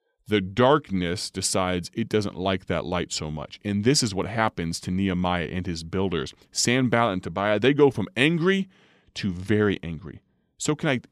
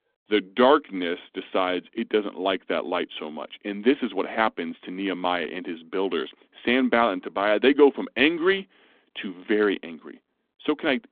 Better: first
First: none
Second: phone-call audio

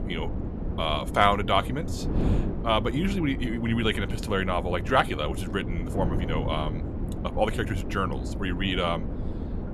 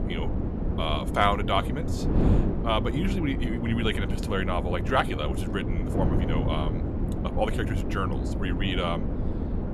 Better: first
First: wind noise on the microphone; occasional gusts; 10 dB below the speech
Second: wind noise on the microphone; heavy; 7 dB below the speech

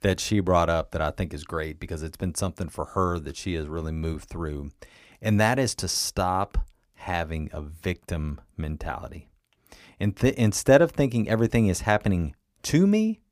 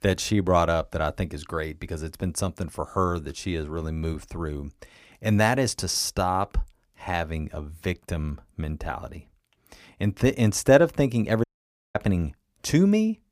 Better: first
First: none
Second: audio cutting out; at 11 s for 0.5 s

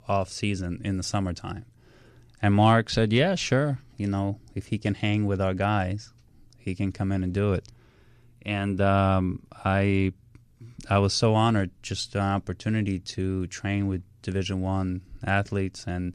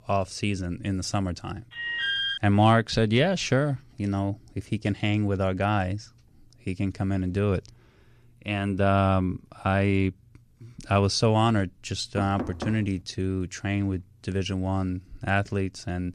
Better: first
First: none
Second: alarm; loud; at 1.5 s; peak 1 dB above the speech // door banging; noticeable; at 12 s; peak 8 dB below the speech

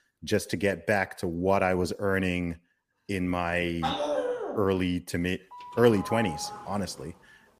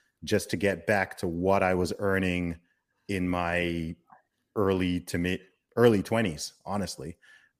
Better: second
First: dog barking; noticeable; at 4 s; peak level with the speech // doorbell; noticeable; from 5.5 to 7 s; peak 7 dB below the speech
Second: none

